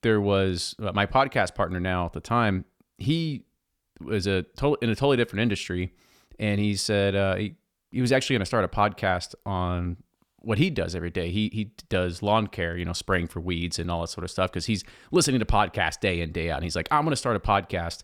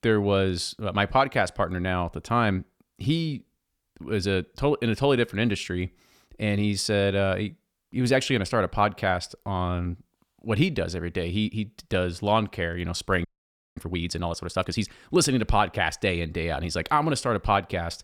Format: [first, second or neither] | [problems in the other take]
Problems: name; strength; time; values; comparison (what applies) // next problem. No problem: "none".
first | audio freezing; at 13 s for 0.5 s